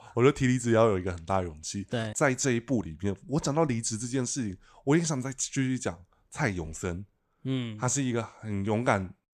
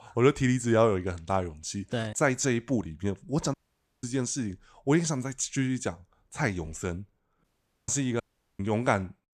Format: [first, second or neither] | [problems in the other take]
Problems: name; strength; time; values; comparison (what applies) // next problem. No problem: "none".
first | audio cutting out; at 3.5 s, at 7.5 s and at 8 s